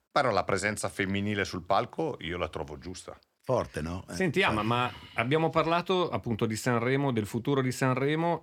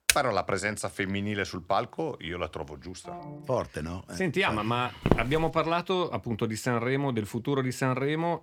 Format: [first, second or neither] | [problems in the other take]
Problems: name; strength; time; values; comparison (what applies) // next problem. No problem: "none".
first | keyboard typing; very faint; at the start; peak 3 dB above the speech // phone ringing; faint; at 3 s; peak 15 dB below the speech // footsteps; loud; at 5 s; peak 1 dB above the speech